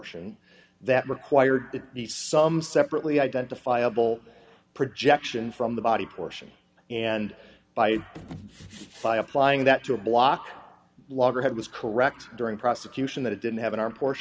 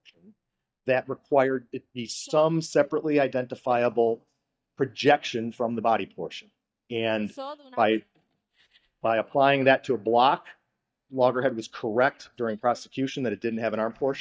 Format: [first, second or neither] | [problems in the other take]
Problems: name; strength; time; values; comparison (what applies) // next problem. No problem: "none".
first | noise reduction (neural mask model DeepFilterNet 3)